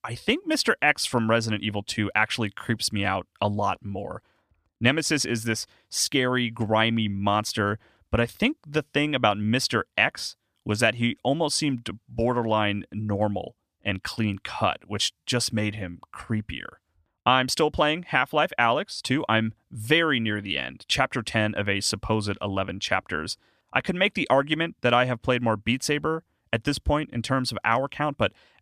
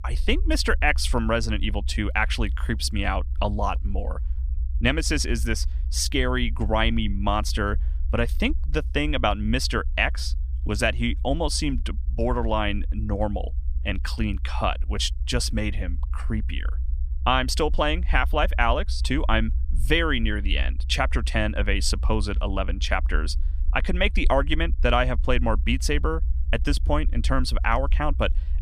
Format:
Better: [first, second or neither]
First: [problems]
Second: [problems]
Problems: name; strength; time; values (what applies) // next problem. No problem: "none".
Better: first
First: none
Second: low rumble; faint; throughout; 25 dB below the speech